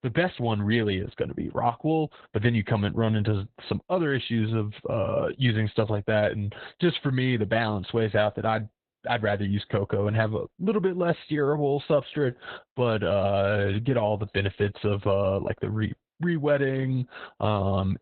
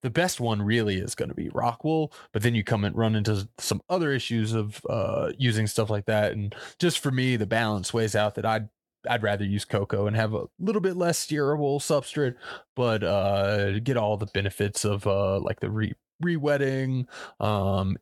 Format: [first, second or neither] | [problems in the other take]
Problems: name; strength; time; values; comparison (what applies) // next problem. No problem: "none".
second | garbled, watery; badly; nothing above 4 kHz